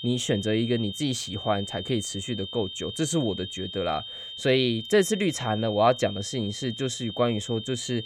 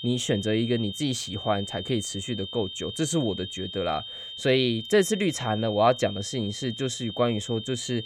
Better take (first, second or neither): neither